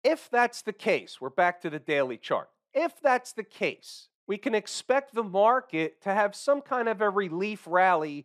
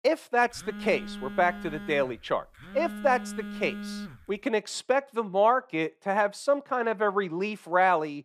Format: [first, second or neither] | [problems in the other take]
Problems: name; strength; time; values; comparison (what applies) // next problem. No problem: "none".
first | phone ringing; noticeable; from 0.5 to 4.5 s; peak 10 dB below the speech